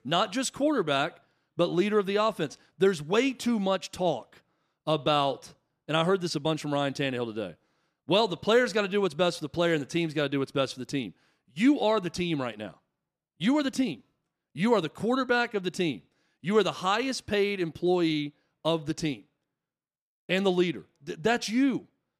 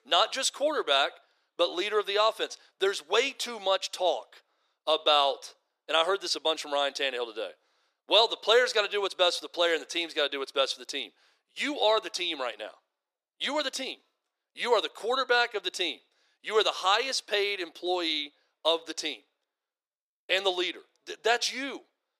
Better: first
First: none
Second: thin; very; fading below 450 Hz

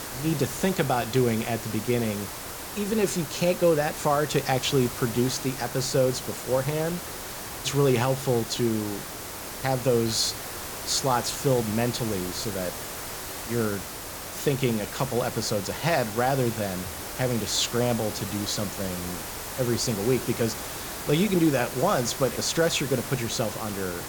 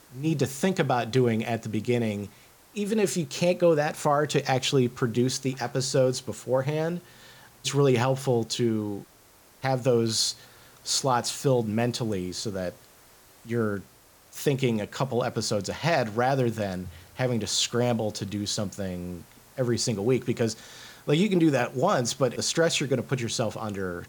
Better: second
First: hiss; loud; throughout; 8 dB below the speech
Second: hiss; faint; throughout; 25 dB below the speech

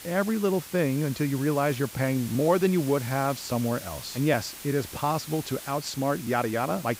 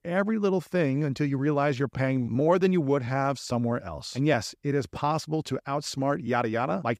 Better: second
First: hiss; noticeable; throughout; 15 dB below the speech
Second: none

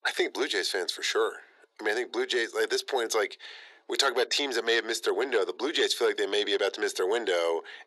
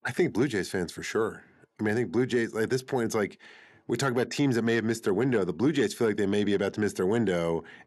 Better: second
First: thin; very; fading below 400 Hz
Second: none

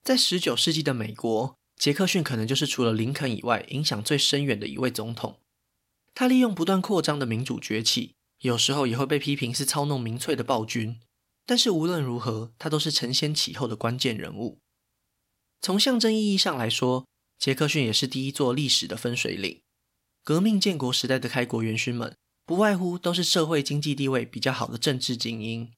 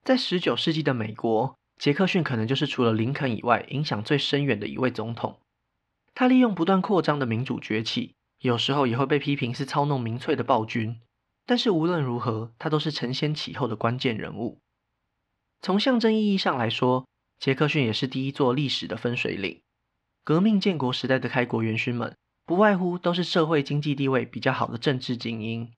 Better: first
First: none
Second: muffled; slightly; fading above 2.5 kHz

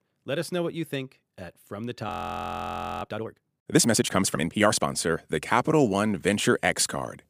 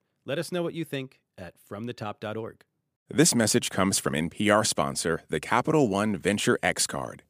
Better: second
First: audio freezing; at 2 s for 1 s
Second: none

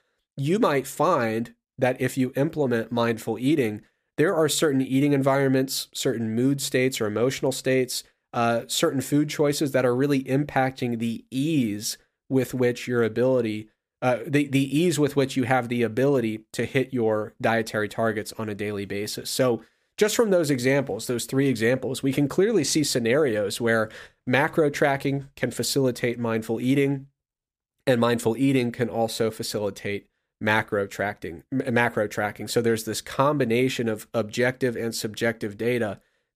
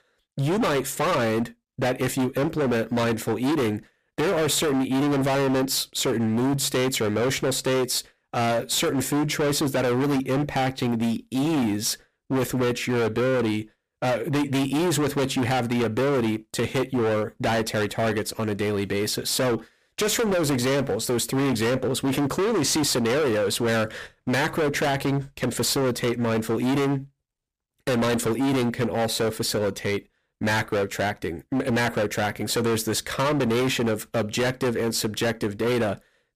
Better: first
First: none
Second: distortion; heavy; 29% of the sound clipped

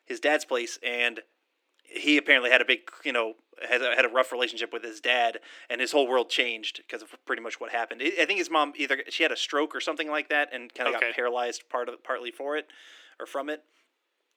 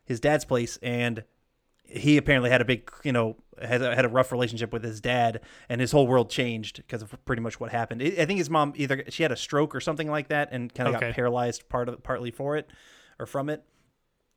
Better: second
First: thin; somewhat; fading below 300 Hz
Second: none

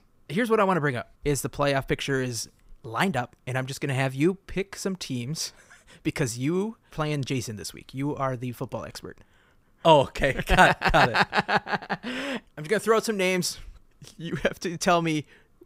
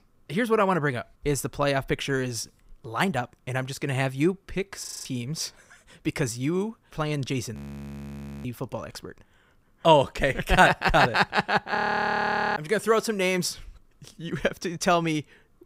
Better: first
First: none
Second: audio freezing; at 5 s, at 7.5 s for 1 s and at 12 s for 1 s

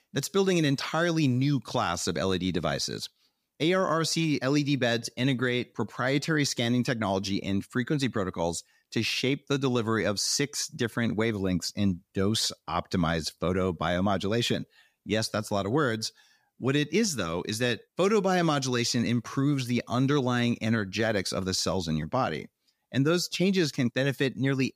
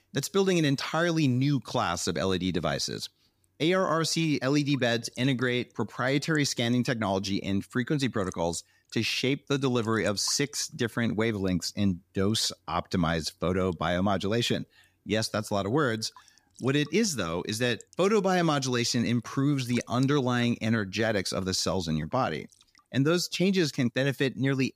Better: first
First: none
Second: rain or running water; faint; throughout; 25 dB below the speech

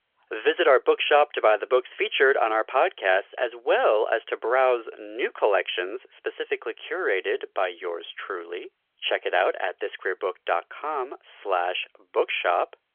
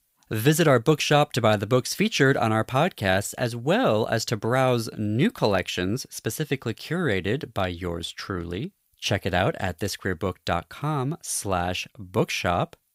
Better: second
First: phone-call audio; nothing above 3.5 kHz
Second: none

